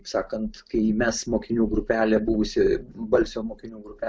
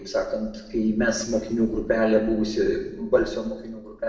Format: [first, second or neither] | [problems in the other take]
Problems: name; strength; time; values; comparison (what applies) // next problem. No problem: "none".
first | noise reduction (neural separator model SepFormer DNS4)